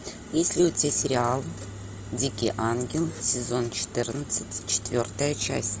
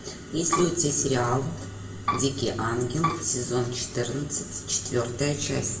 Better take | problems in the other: first | background sound (Bowed string instrument); 3 dB below the speech // room echo; dies away in 0.6 s

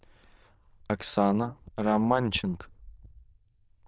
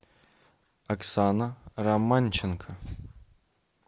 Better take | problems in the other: second | noise reduction (neural diffusion model UNIVERSE++)

